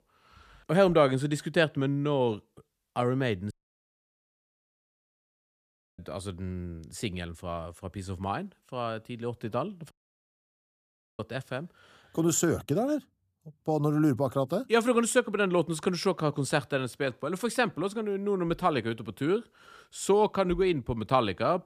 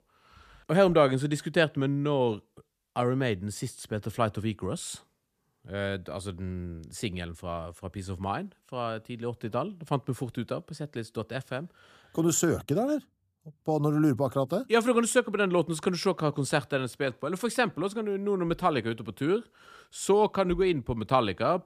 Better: second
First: audio cutting out; at 3.5 s for 2.5 s and at 10 s for 1.5 s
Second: none

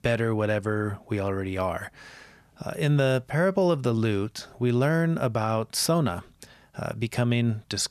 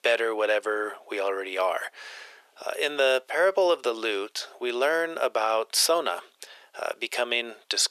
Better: first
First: none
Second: thin; very; fading below 400 Hz

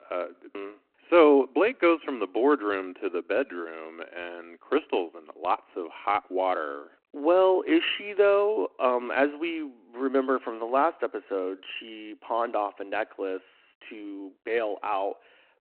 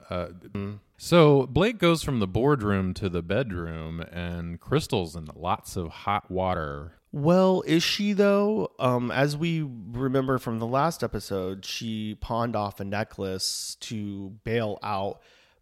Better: second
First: phone-call audio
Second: none

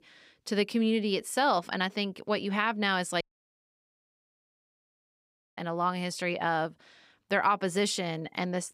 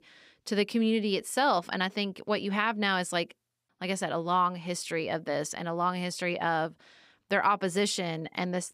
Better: second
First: audio cutting out; at 3 s for 2.5 s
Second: none

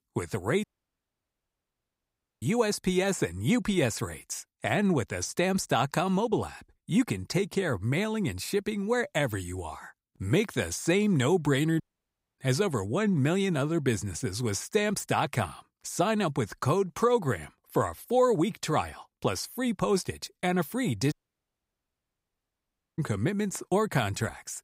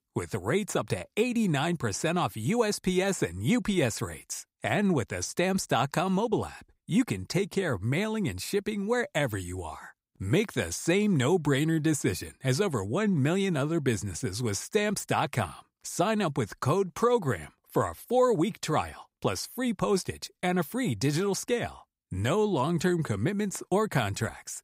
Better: second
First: audio cutting out; at 0.5 s for 2 s, at 12 s for 0.5 s and at 21 s for 2 s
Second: none

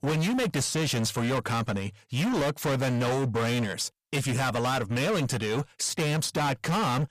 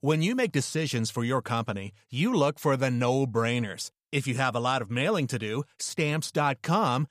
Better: second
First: distortion; heavy; 33% of the sound clipped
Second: none

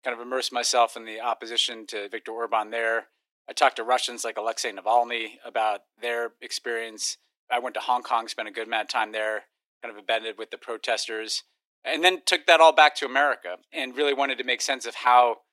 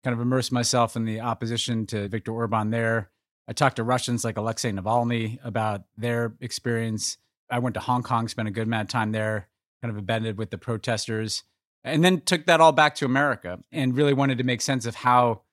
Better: second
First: thin; very; fading below 350 Hz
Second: none

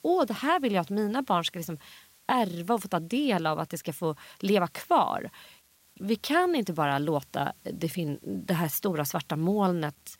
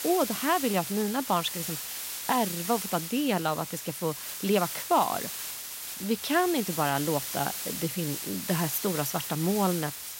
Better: first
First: hiss; faint; throughout; 30 dB below the speech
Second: hiss; loud; throughout; 5 dB below the speech

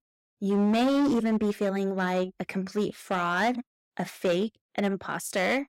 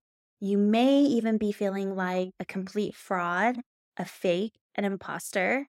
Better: second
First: distortion; slight; 10% of the sound clipped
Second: none

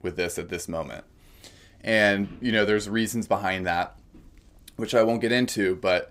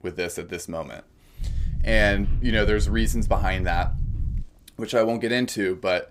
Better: first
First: none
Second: low rumble; faint; from 1.5 to 4.5 s; 20 dB below the speech

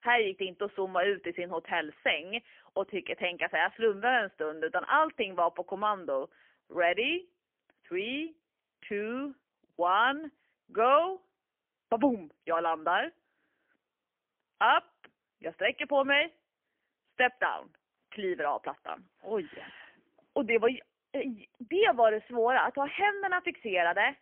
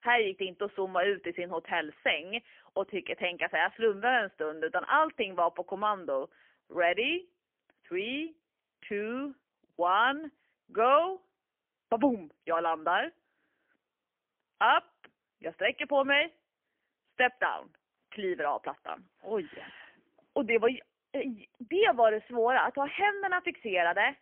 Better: neither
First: phone-call audio; poor line; nothing above 3 kHz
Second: phone-call audio; poor line; nothing above 3 kHz

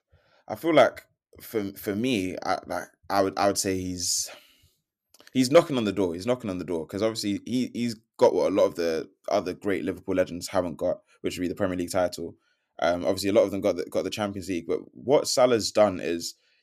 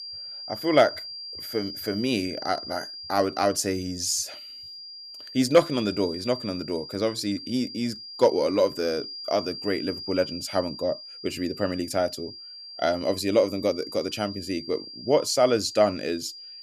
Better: first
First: none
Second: high-pitched whine; noticeable; throughout; 4.5 kHz, 10 dB below the speech

